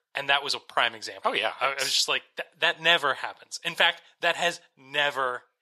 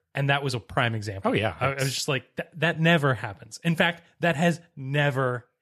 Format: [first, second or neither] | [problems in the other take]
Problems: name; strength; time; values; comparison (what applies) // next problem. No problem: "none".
second | thin; very; fading below 550 Hz